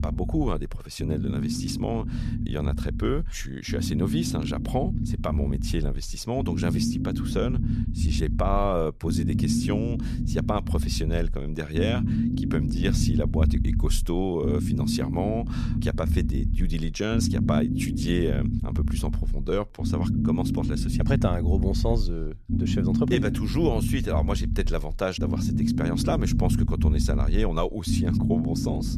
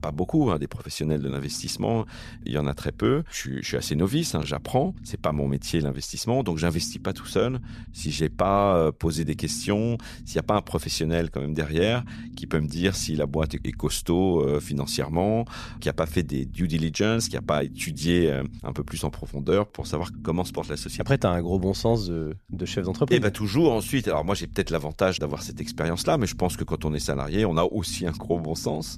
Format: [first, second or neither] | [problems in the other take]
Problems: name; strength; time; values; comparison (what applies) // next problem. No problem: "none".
second | low rumble; loud; throughout; 4 dB below the speech; faint in the second